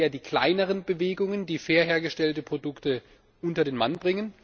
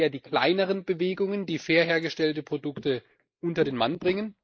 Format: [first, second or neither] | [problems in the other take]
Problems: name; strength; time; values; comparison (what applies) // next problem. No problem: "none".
first | noise reduction (neural mask model Resemble Enhance denoiser)